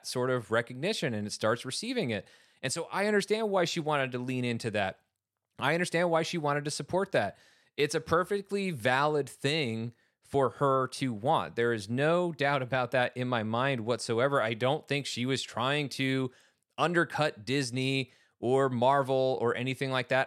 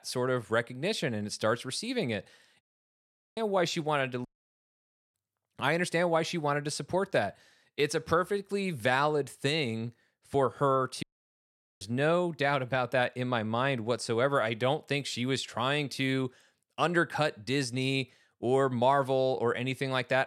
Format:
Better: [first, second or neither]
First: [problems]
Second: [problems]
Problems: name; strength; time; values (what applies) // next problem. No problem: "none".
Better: first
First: none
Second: audio cutting out; at 2.5 s for 1 s, at 4.5 s for 1 s and at 11 s for 1 s